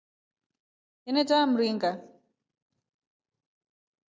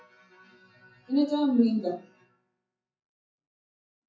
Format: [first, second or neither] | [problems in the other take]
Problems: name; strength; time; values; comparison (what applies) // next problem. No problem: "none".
first | noise reduction (classical method WPE with log-MMSE)